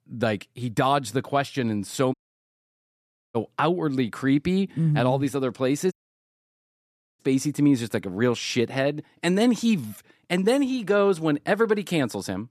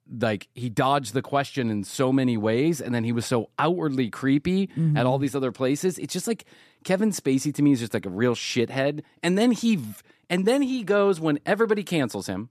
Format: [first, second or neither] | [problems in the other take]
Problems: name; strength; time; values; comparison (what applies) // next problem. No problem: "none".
second | audio cutting out; at 2 s for 1 s and at 6 s for 1.5 s